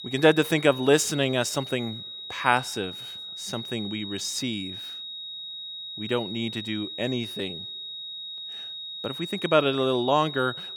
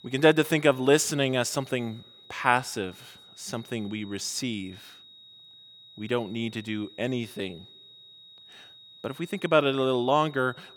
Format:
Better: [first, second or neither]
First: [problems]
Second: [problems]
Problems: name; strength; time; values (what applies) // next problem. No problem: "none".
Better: second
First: high-pitched whine; loud; throughout; 4 kHz, 9 dB below the speech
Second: high-pitched whine; faint; throughout; 4 kHz, 20 dB below the speech